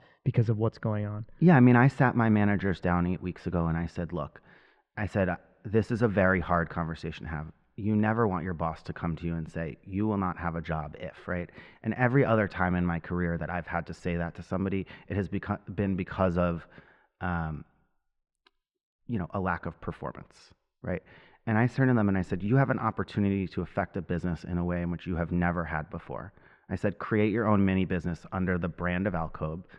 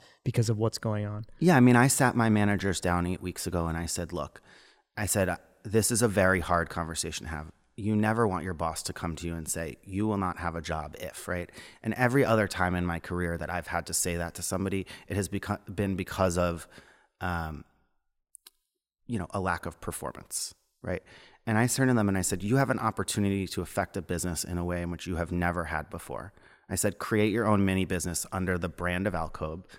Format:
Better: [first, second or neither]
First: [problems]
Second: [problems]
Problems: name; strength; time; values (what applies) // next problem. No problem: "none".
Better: second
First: muffled; very; fading above 2.5 kHz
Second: none